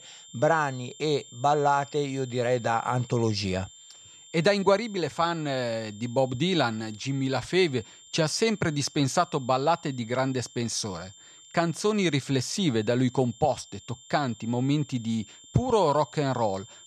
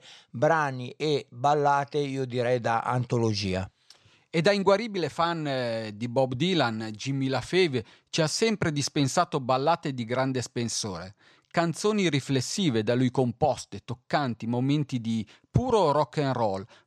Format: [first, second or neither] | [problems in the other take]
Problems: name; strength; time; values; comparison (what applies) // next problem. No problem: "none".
second | high-pitched whine; faint; throughout; 7.5 kHz, 20 dB below the speech